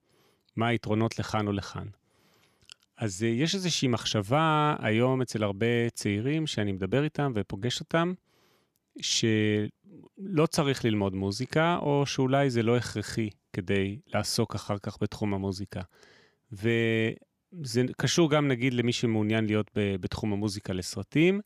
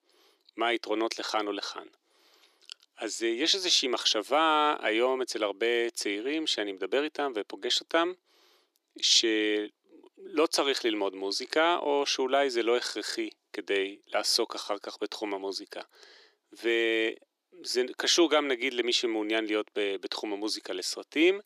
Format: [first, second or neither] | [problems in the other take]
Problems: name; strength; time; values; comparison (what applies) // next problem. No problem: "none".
first | thin; very; fading below 350 Hz